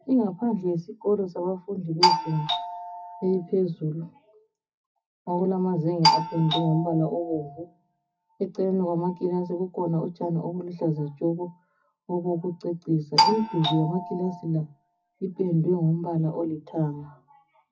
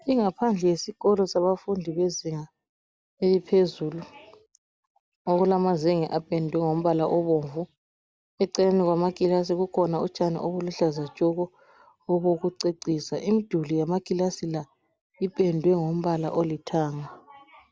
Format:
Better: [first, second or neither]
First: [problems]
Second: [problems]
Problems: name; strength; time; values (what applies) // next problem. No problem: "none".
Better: second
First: noise reduction (classical method WPE with log-MMSE)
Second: none